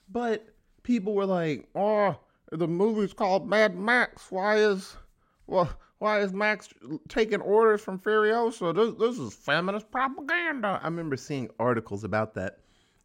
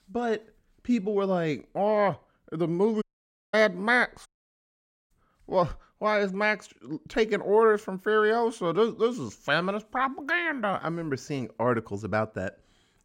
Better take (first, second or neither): first